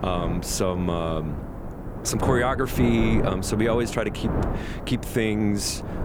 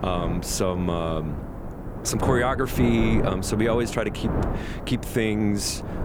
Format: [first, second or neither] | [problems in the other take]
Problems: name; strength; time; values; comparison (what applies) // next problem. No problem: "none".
neither | wind noise on the microphone; heavy; 8 dB below the speech; the same in both